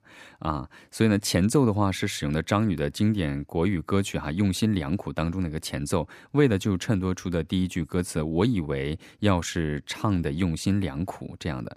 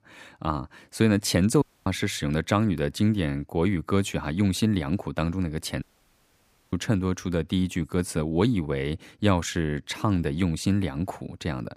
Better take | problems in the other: first | audio cutting out; at 1.5 s and at 6 s for 1 s

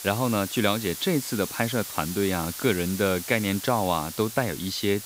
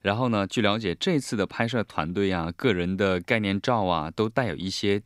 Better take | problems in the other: second | hiss; loud; throughout; 8 dB below the speech

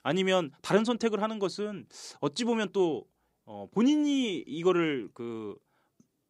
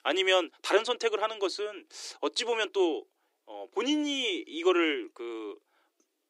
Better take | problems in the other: first | thin; somewhat; fading below 300 Hz

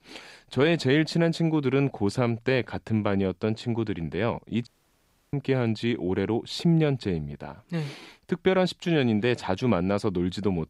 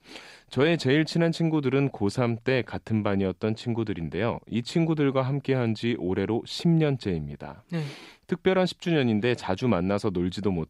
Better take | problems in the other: second | audio cutting out; at 4.5 s for 0.5 s

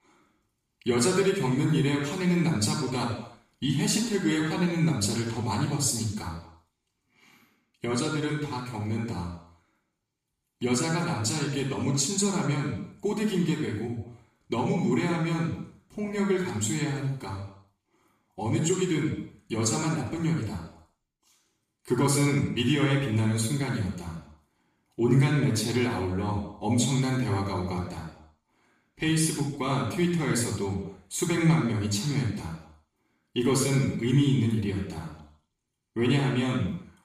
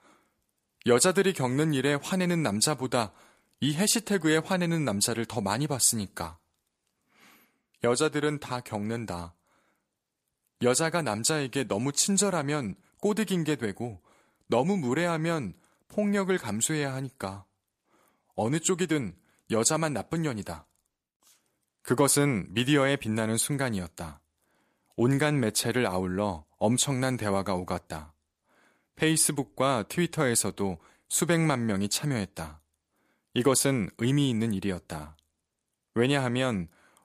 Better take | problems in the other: second | room echo; noticeable; dies away in 0.7 s // off-mic speech; far

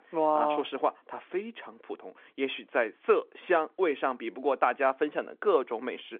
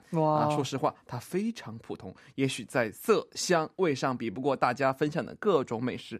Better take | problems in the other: second | phone-call audio; nothing above 3.5 kHz

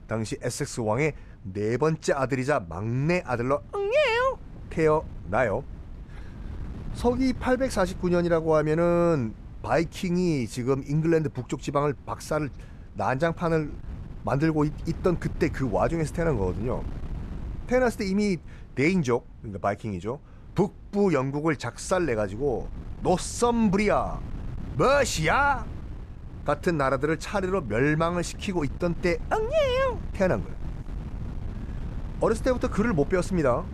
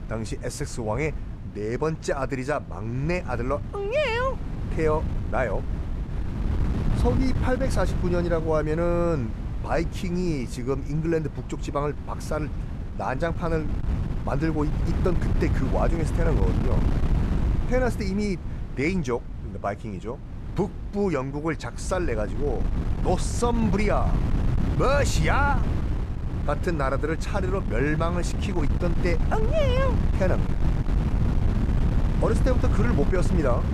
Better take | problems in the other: first | wind noise on the microphone; heavy; 10 dB below the speech; occasional gusts in the first

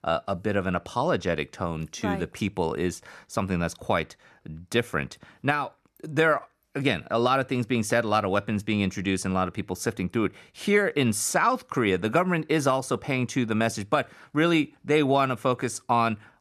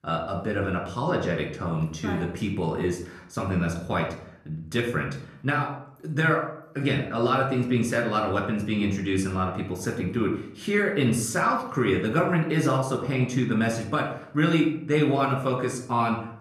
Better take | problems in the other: first | off-mic speech; somewhat distant // room echo; slight; dies away in 0.5 s

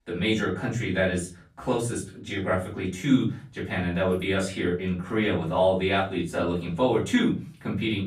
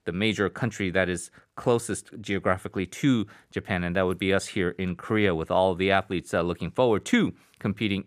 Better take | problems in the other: second | off-mic speech; far // room echo; slight; dies away in 0.3 s

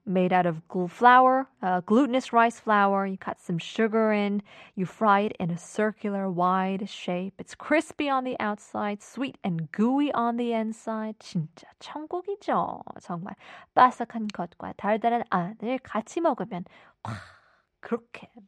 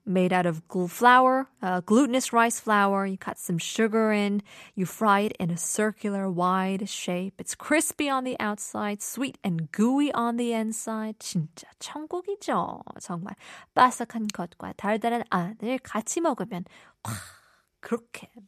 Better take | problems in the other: second | muffled; slightly; fading above 3.5 kHz

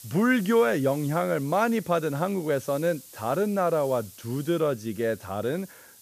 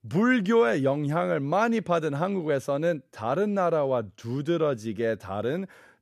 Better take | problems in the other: second | hiss; noticeable; throughout; 20 dB below the speech

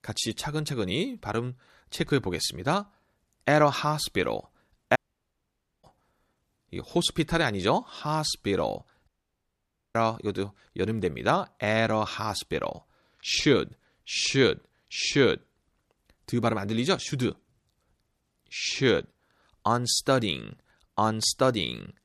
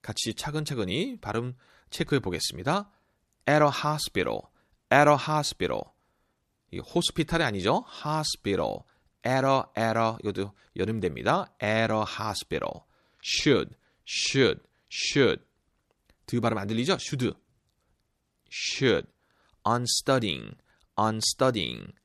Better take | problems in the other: second | audio cutting out; at 5 s for 1 s and at 9 s for 1 s

